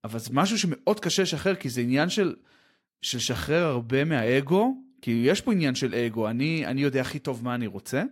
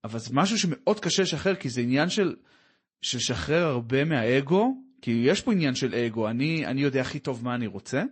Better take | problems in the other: first | garbled, watery; slightly; nothing above 8 kHz

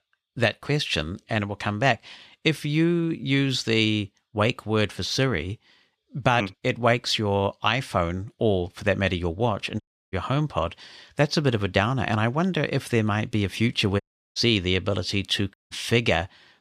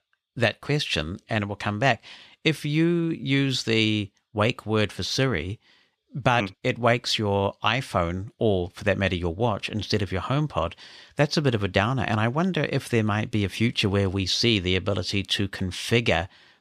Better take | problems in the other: second | audio cutting out; at 10 s, at 14 s and at 16 s

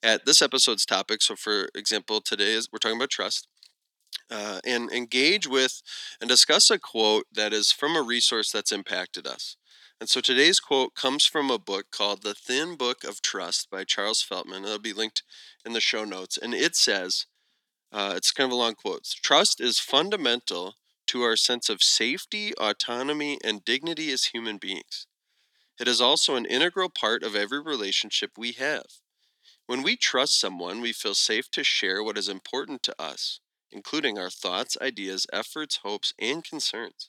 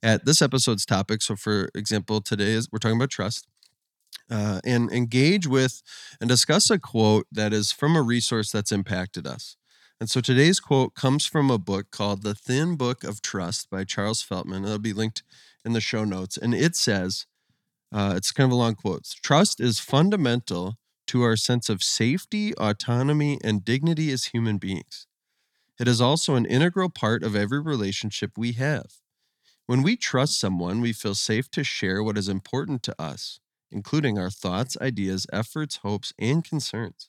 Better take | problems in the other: second | thin; somewhat; fading below 300 Hz

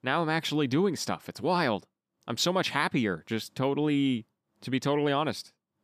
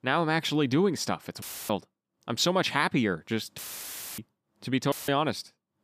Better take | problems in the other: first | audio cutting out; filled with static; at 1.5 s, at 3.5 s for 0.5 s and at 5 s

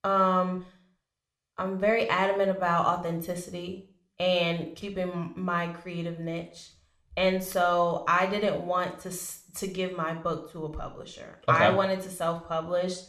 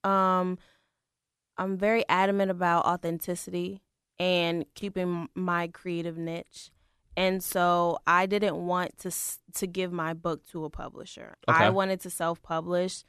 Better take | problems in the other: second | room echo; slight; dies away in 0.4 s

